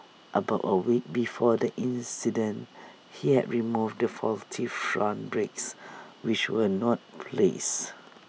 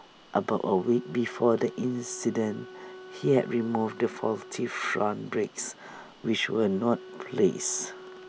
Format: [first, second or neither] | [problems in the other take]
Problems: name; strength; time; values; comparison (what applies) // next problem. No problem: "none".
first | background sound (Wind instrument, woodwind instrument); 18 dB below the speech